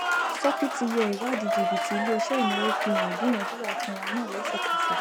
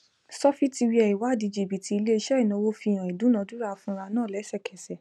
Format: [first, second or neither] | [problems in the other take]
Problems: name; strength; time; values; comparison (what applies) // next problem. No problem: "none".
second | background sound (Applause); 2 dB above the speech